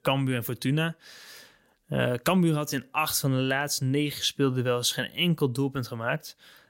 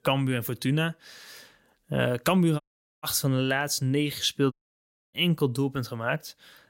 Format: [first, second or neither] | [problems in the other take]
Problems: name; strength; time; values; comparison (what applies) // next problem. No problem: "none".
first | audio cutting out; at 2.5 s and at 4.5 s for 0.5 s